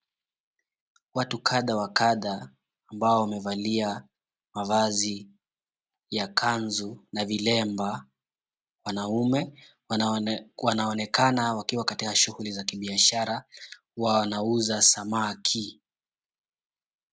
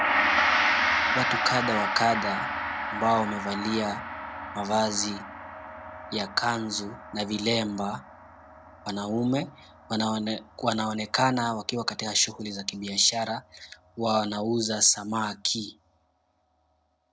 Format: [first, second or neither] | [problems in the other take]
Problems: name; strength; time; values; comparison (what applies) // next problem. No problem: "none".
first | background sound (Gong); 3 dB below the speech